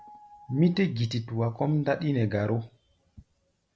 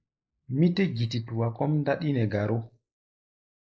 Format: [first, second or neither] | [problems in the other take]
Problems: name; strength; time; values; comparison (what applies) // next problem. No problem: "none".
first | noise reduction (neural mask model Resemble Enhance denoiser)